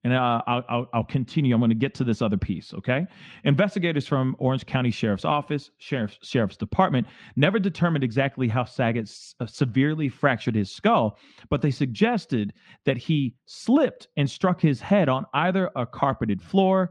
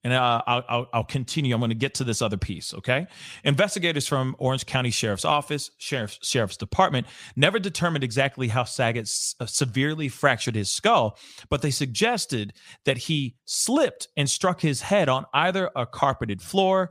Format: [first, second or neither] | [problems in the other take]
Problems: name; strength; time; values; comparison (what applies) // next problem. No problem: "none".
second | muffled; slightly; fading above 2.5 kHz